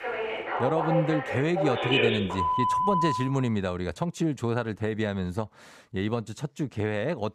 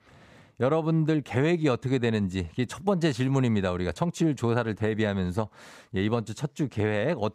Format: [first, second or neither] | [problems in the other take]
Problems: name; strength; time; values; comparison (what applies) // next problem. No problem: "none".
second | alarms or sirens; very loud; until 3 s; 2 dB above the speech